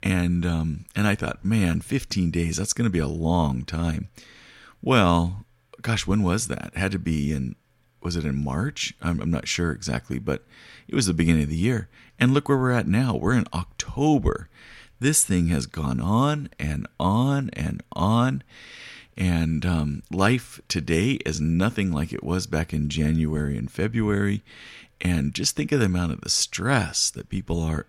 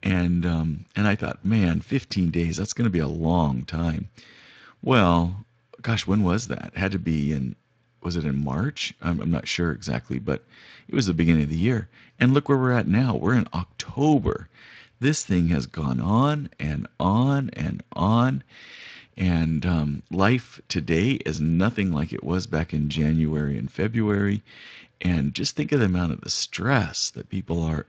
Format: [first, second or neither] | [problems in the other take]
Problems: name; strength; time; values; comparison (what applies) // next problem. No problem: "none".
first | garbled, watery; slightly